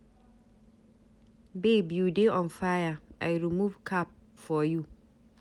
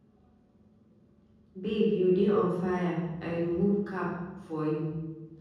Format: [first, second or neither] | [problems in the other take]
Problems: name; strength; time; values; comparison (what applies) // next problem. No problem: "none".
first | room echo; dies away in 1.3 s